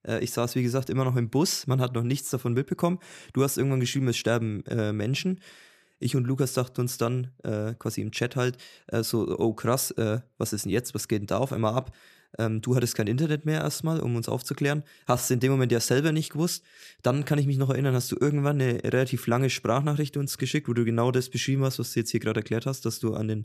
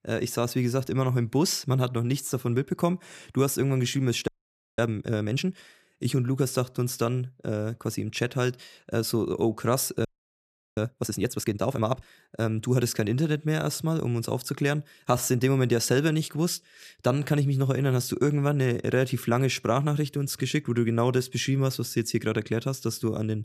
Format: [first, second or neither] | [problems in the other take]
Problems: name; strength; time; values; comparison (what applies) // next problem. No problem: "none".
first | audio freezing; at 4.5 s for 0.5 s and at 10 s for 0.5 s